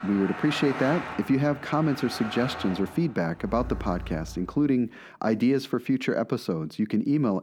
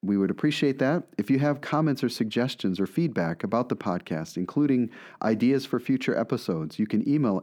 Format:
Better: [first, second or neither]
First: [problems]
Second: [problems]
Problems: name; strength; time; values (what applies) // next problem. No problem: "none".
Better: second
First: traffic noise; noticeable; until 4 s; 10 dB below the speech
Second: none